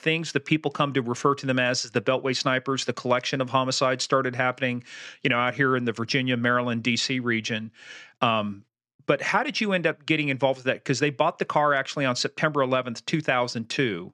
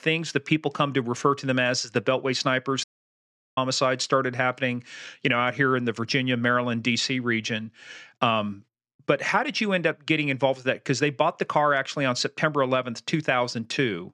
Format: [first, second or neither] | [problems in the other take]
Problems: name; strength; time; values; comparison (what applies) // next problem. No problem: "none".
first | audio cutting out; at 3 s for 0.5 s